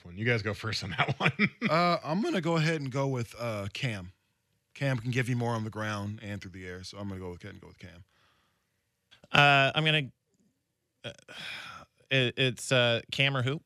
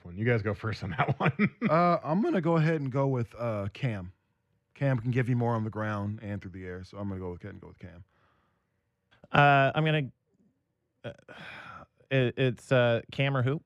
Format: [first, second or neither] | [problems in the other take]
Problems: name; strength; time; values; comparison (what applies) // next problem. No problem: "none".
first | muffled; slightly; fading above 2.5 kHz